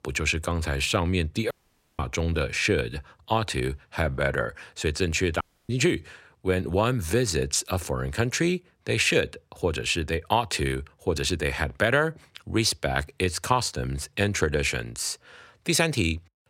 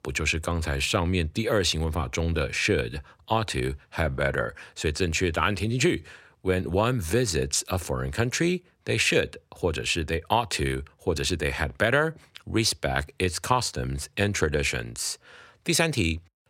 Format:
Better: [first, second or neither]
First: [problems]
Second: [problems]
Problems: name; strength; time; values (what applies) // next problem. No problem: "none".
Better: second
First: audio cutting out; at 1.5 s and at 5.5 s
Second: none